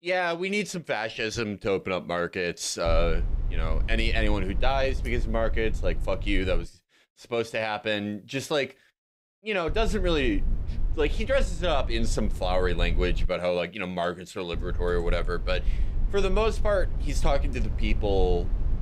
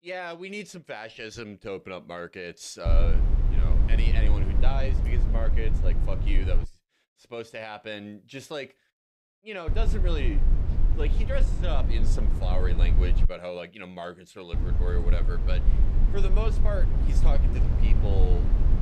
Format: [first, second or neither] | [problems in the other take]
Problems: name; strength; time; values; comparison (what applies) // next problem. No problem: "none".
first | low rumble; loud; from 3 to 6.5 s, from 9.5 to 13 s and from 15 s on; 6 dB below the speech; faint in the first